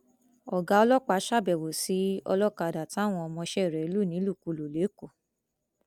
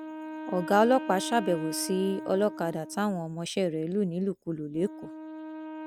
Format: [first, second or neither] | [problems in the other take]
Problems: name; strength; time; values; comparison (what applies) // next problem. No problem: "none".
first | background sound (Wind instrument, woodwind instrument); 11 dB below the speech